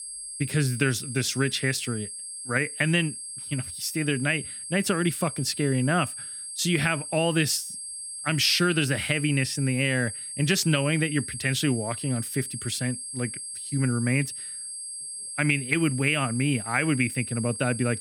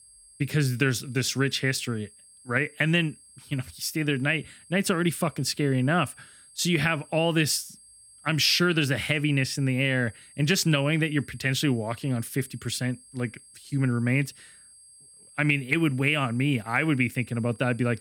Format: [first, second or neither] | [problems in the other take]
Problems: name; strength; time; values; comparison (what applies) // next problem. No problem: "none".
second | high-pitched whine; loud; throughout; 8.5 kHz, 8 dB below the speech; faint in the second